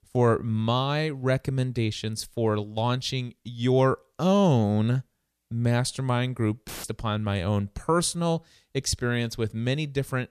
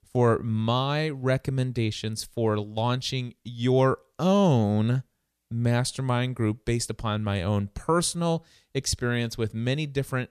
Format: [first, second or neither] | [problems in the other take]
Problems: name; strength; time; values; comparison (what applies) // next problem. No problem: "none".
second | audio cutting out; filled with static; at 6.5 s